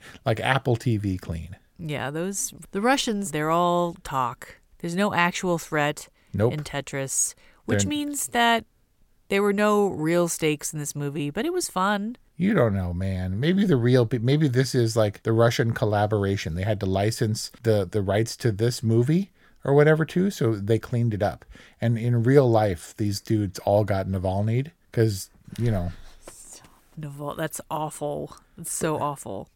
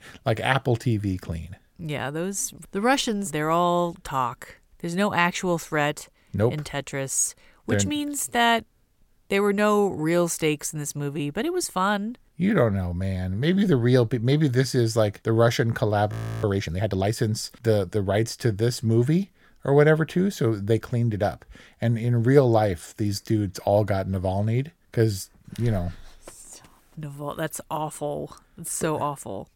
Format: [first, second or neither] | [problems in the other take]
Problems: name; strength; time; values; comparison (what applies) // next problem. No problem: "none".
first | audio freezing; at 16 s